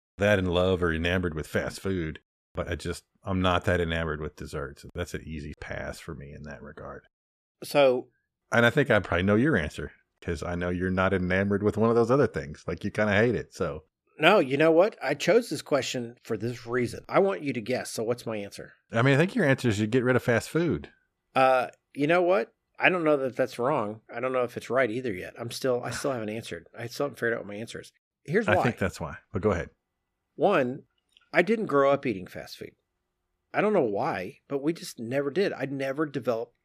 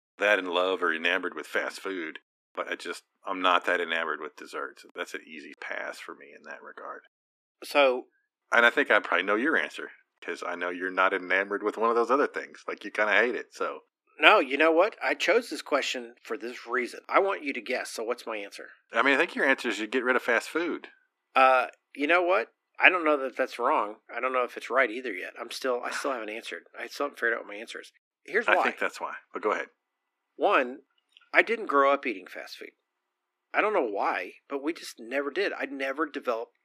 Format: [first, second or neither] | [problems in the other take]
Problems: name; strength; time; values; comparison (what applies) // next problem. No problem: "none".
first | thin; somewhat; fading below 250 Hz